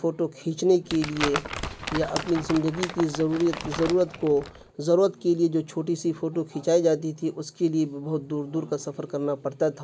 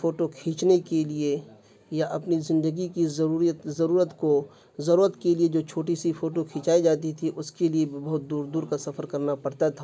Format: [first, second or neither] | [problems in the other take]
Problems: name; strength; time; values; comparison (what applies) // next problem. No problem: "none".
second | background sound (Crumpling, crinkling); 8 dB below the speech